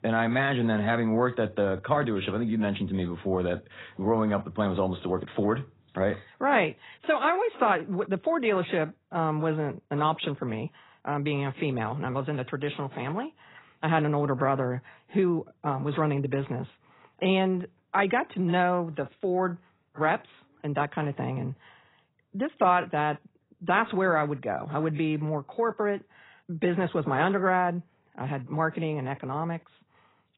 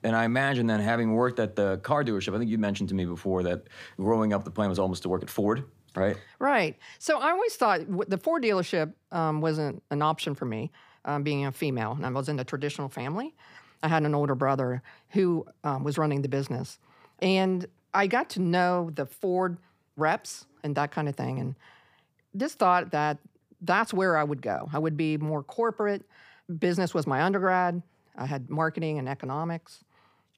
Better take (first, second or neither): second